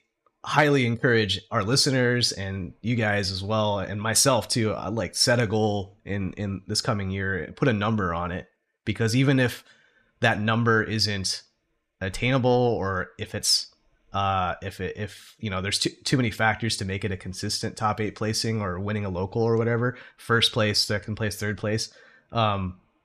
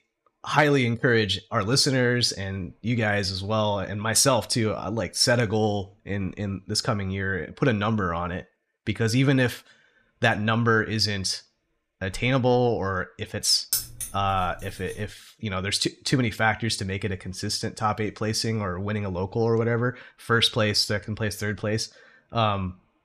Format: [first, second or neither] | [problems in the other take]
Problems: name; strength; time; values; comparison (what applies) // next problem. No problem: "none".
first | jangling keys; noticeable; from 14 to 15 s; peak 2 dB below the speech